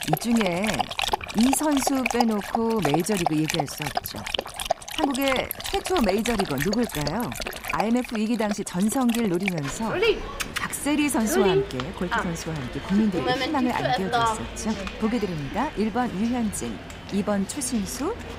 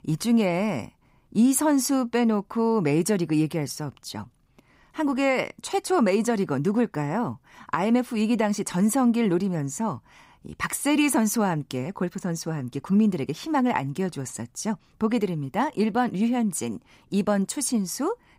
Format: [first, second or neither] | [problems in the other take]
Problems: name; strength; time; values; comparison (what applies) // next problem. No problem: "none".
second | animal sounds; loud; throughout; 3 dB below the speech